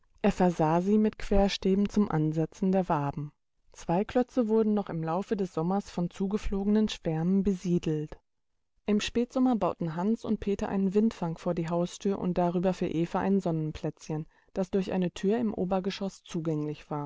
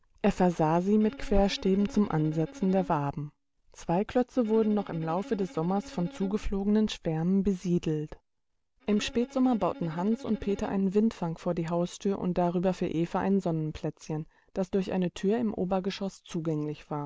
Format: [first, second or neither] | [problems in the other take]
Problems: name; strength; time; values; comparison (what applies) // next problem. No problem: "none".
first | background sound (Bowed string instrument); 19 dB below the speech